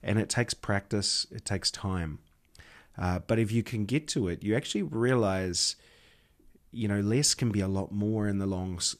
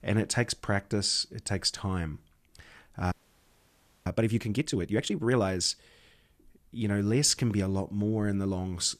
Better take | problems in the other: first | audio freezing; at 3 s for 1 s

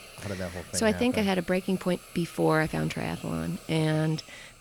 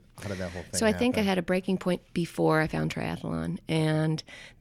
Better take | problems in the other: second | hiss; noticeable; throughout; 20 dB below the speech

